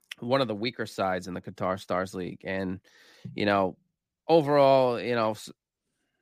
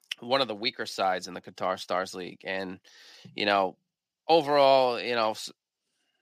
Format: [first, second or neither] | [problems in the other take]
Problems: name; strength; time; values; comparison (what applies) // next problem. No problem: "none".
first | thin; very slightly; fading below 850 Hz